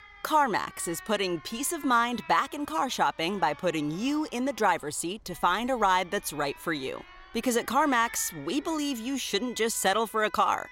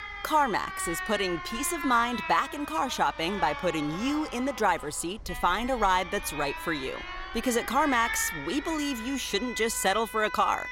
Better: first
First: alarms or sirens; faint; throughout; 20 dB below the speech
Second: alarms or sirens; loud; throughout; 9 dB below the speech

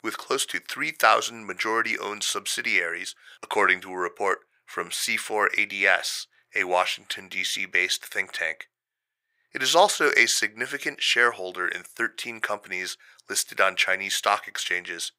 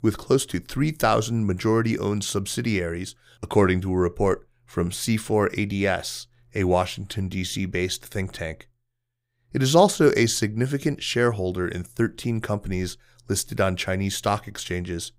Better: second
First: thin; very; fading below 650 Hz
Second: none

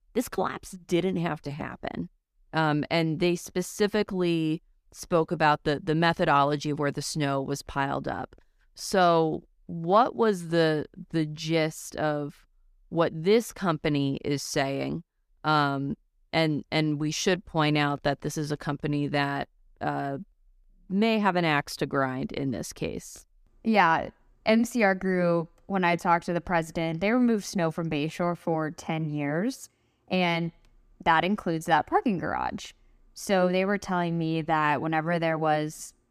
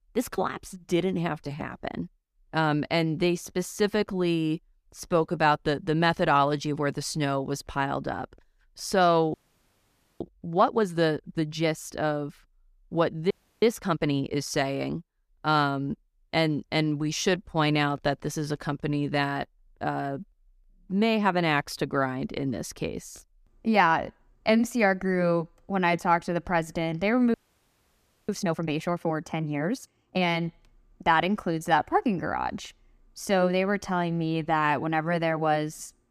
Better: first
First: none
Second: audio freezing; at 9.5 s for 1 s, at 13 s and at 27 s for 1 s

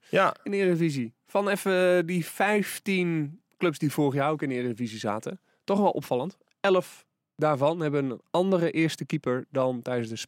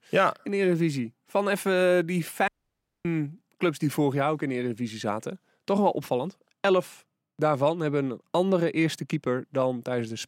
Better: first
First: none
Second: audio cutting out; at 2.5 s for 0.5 s

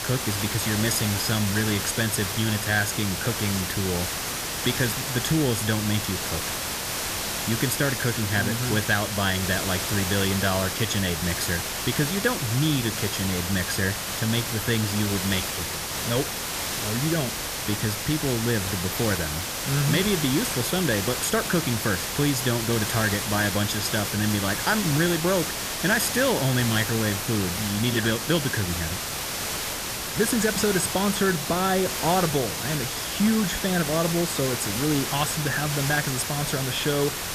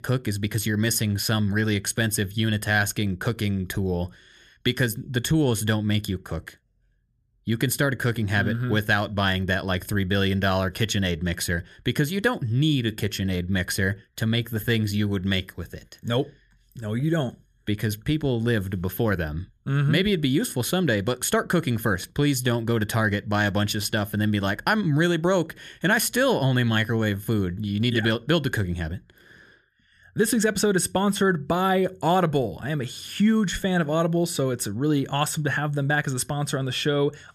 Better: second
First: hiss; loud; throughout; 2 dB below the speech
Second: none

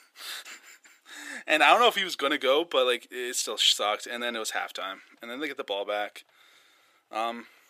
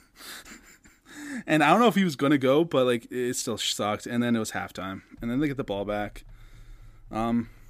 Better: second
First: thin; very; fading below 450 Hz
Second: none

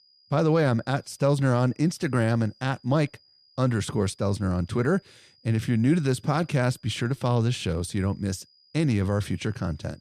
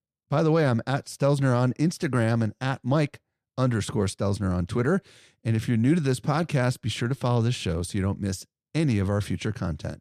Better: second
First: high-pitched whine; faint; throughout; 5 kHz, 30 dB below the speech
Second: none

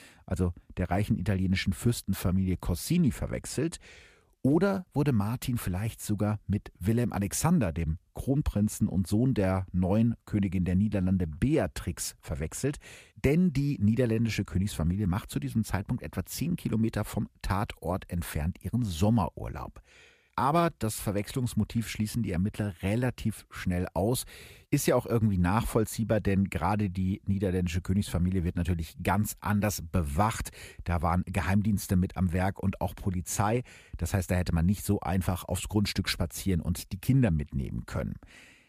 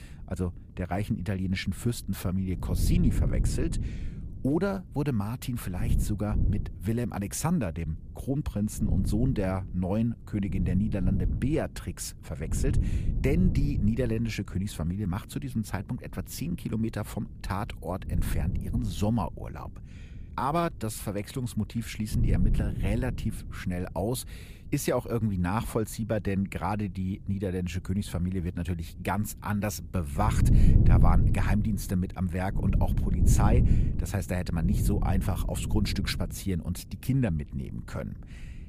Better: first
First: none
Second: wind noise on the microphone; heavy; 7 dB below the speech

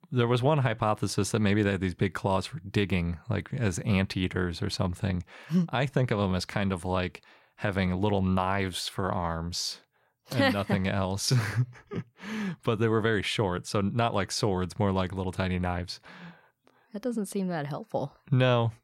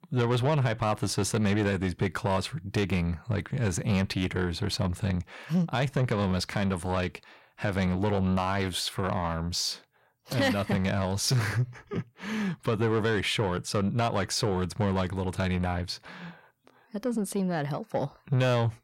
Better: first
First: none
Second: distortion; slight; 10 dB below the speech

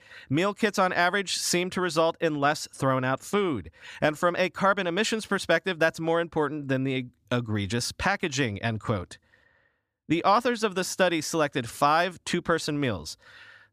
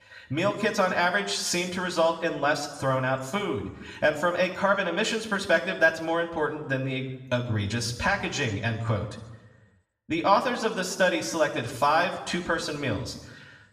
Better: first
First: none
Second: room echo; slight; dies away in 0.9 s // off-mic speech; somewhat distant

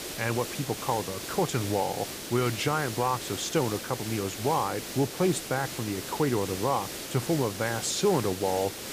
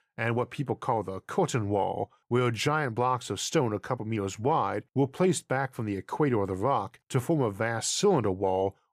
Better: second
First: hiss; loud; throughout; 7 dB below the speech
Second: none

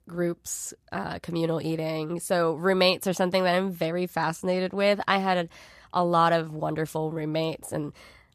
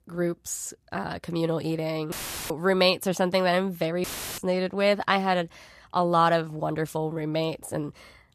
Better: first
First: none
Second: audio cutting out; filled with static; at 2 s and at 4 s

